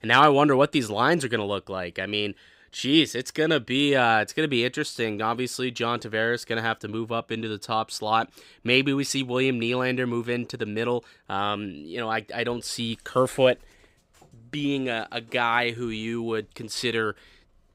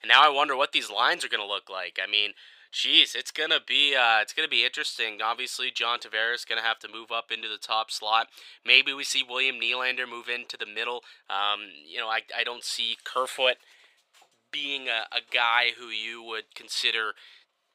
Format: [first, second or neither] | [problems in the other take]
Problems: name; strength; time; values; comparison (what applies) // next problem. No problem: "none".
first | thin; very; fading below 800 Hz